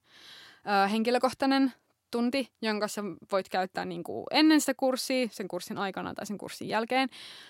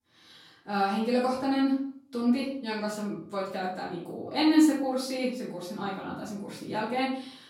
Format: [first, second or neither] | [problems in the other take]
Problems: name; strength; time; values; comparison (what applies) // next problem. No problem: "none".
first | off-mic speech; far // room echo; noticeable; dies away in 0.5 s